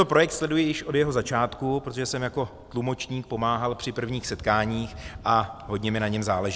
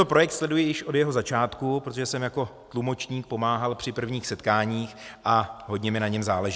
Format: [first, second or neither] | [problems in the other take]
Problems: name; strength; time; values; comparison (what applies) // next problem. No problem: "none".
second | background sound (Thunder); 19 dB below the speech